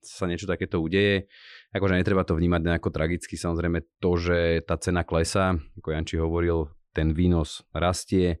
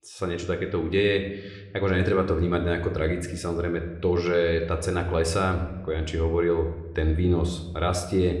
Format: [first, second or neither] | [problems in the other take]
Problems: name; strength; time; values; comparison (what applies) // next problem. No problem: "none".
first | room echo; slight; dies away in 0.8 s